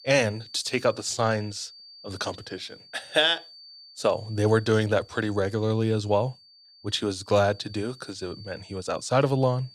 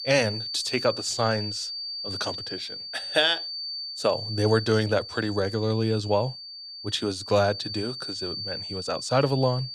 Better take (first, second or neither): first